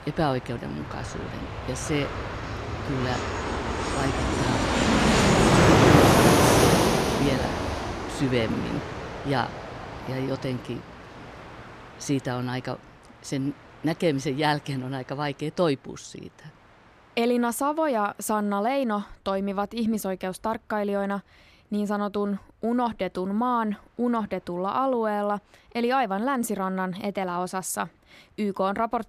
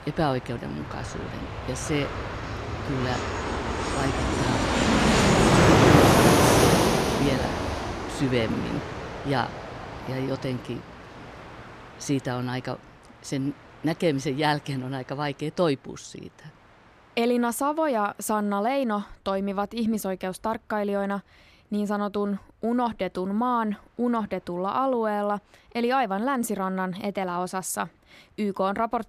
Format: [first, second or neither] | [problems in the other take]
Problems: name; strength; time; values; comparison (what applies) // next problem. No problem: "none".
neither | train or aircraft noise; very loud; throughout; 5 dB above the speech; the same in both